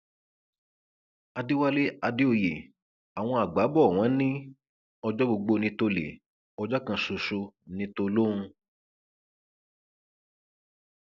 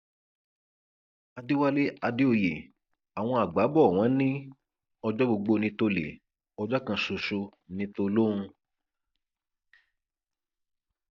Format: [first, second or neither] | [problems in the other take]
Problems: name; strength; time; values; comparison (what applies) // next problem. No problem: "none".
first | noise reduction (neural mask model DeepFilterNet 3)